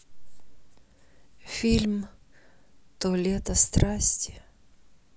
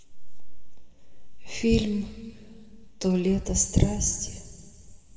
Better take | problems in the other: first | room echo; dies away in 2.3 s

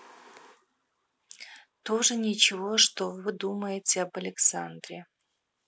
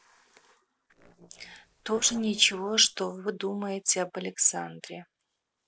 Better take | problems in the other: first | noise reduction (neural separator model SepFormer DNS4)

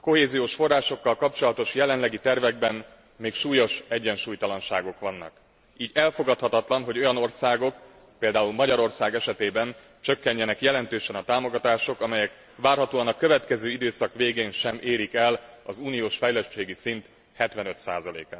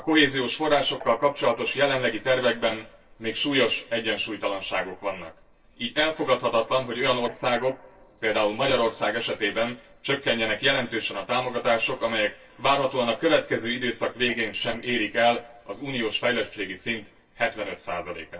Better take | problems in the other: first | noise reduction (neural separator model SepFormer DNS4)

